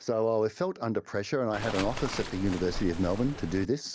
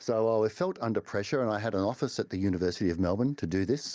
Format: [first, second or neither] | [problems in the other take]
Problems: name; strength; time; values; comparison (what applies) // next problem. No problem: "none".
second | background sound (Waves, surf); 7 dB below the speech